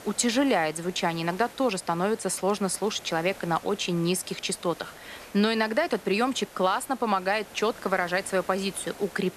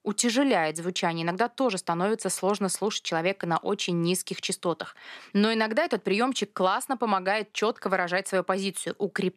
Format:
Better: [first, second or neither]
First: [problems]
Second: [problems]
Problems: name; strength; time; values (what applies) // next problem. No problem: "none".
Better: second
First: hiss; noticeable; throughout; 20 dB below the speech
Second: none